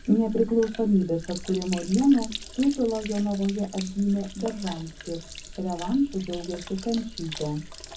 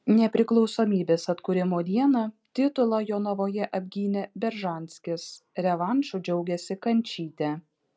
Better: second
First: background sound (Sink (filling or washing)); 13 dB below the speech // room echo; dies away in 0.3 s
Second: none

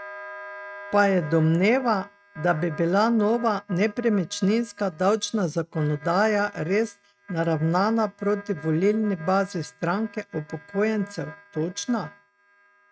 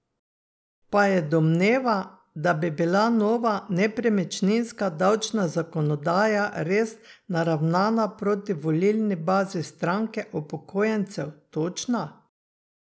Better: second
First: noise reduction (neural mask model RNNoise)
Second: none

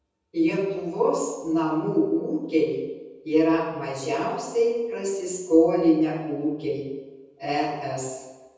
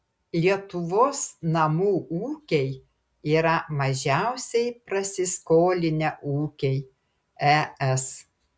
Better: second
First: room echo; dies away in 1.1 s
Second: none

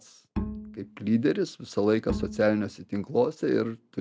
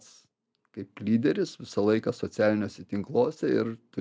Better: second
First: background sound (Bowed string instrument); 9 dB below the speech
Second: none

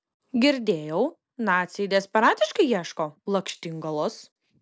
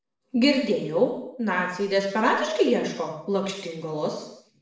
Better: first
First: none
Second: room echo; dies away in 0.7 s

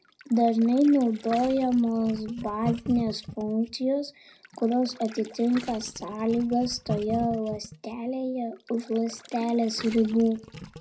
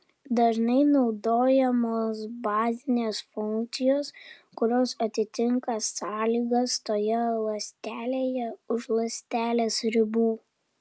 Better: second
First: background sound (Gurgling); 15 dB below the speech // room echo; dies away in 0.4 s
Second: none

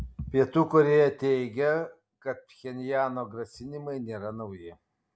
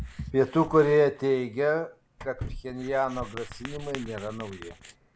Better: first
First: none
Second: background sound (Writing + Door / Car); 16 dB below the speech

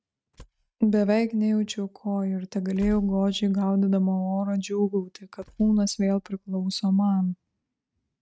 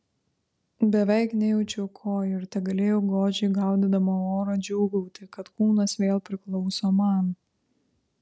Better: second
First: noise reduction (neural mask model RNNoise)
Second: none

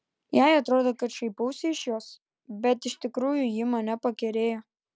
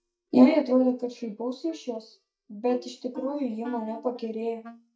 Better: first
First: none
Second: noise reduction (neural mask model DeepFilterNet 3)

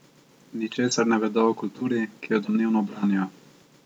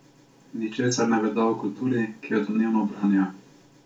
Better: first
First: none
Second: room echo; dies away in 0.2 s

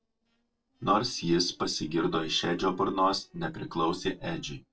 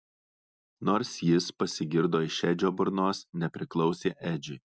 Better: second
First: noise reduction (neural separator model SepFormer DNS4)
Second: none

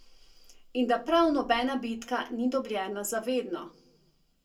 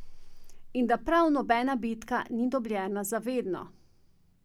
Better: second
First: room echo; dies away in 0.2 s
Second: none

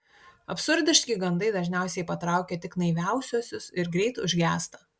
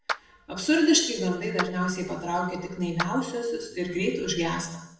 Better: first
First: none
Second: background sound (Clapping); 12 dB below the speech // room echo; dies away in 0.7 s

